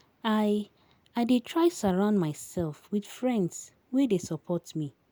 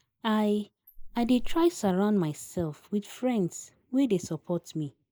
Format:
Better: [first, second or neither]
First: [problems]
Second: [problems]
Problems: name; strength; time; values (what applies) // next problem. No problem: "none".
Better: first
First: none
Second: noise reduction (neural mask model Resemble Enhance denoiser)